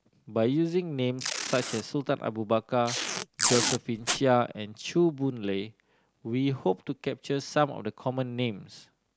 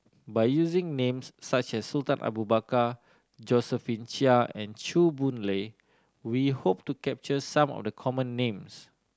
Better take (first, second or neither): second